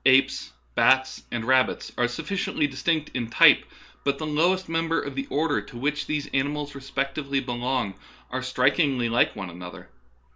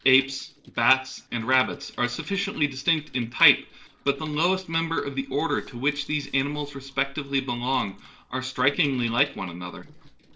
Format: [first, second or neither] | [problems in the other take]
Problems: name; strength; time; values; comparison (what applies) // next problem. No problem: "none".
first | noise reduction (neural separator model SepFormer DNS4)